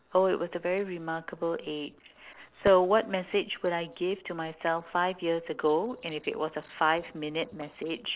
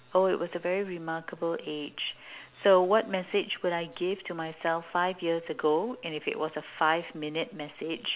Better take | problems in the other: second | noise reduction (neural separator model SepFormer DNS4)

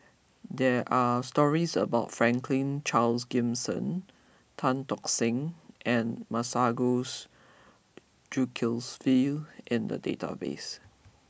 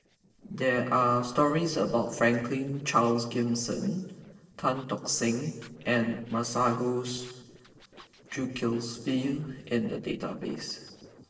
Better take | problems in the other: first | noise reduction (neural separator model SepFormer DNS4)

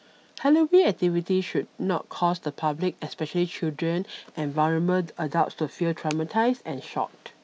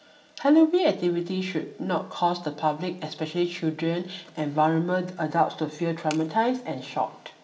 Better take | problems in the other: first | room echo; dies away in 0.6 s

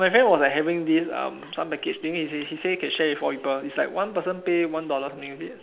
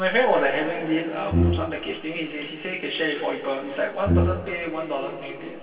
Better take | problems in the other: first | background sound (Brass instrument); 2 dB above the speech // room echo; dies away in 2.6 s

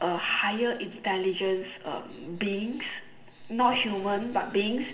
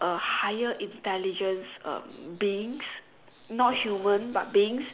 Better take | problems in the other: second | room echo; dies away in 1.2 s

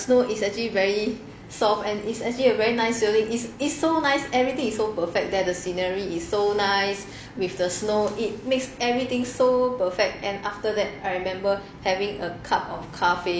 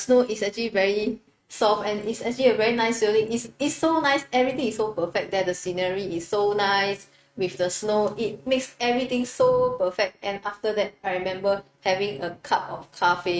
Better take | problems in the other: first | noise reduction (neural mask model RNNoise)

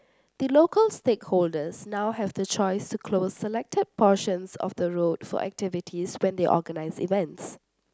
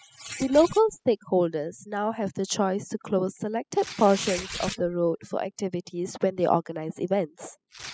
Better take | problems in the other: first | noise reduction (classical method spectral subtraction)

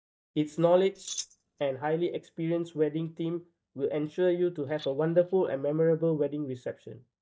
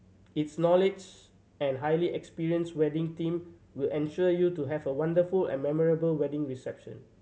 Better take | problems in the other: second | noise reduction (neural mask model DeepFilterNet 3)

